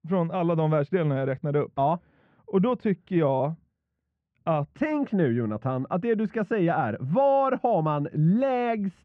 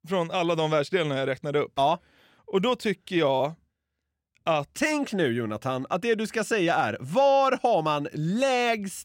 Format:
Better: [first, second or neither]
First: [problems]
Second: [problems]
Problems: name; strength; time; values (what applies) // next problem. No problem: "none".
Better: second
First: muffled; very; fading above 1.5 kHz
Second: none